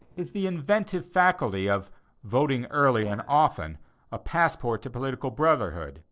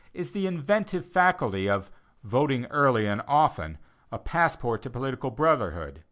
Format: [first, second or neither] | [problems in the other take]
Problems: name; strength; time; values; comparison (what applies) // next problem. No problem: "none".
second | noise reduction (neural separator model SepFormer DNS4)